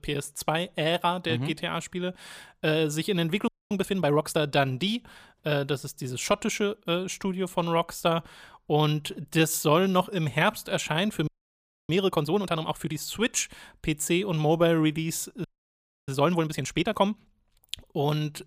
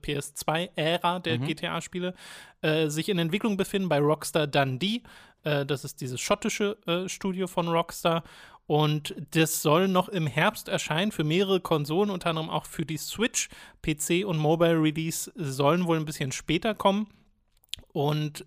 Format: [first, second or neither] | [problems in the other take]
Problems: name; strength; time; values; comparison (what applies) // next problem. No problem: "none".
second | audio freezing; at 3.5 s, at 11 s for 0.5 s and at 15 s for 0.5 s